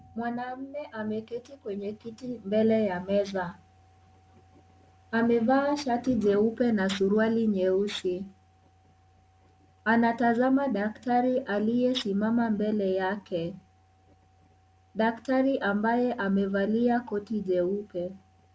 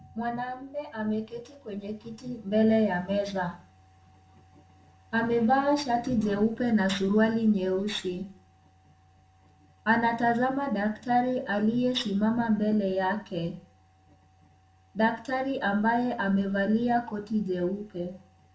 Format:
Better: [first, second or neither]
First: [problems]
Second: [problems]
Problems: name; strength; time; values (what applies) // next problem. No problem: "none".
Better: first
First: none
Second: room echo; dies away in 0.4 s